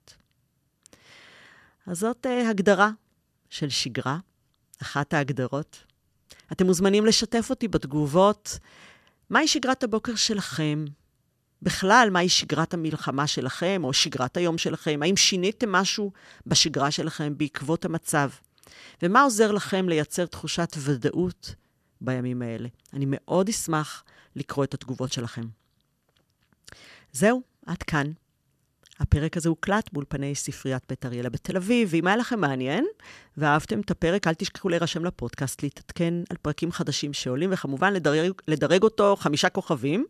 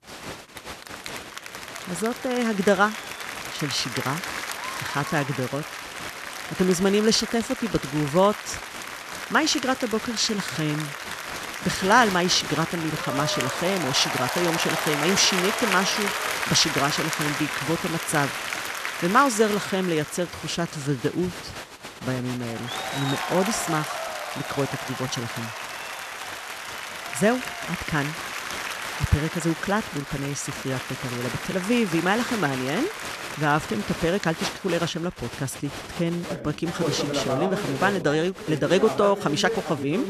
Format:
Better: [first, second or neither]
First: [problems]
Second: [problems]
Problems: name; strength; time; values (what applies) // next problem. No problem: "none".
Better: first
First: none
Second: crowd noise; loud; throughout; 5 dB below the speech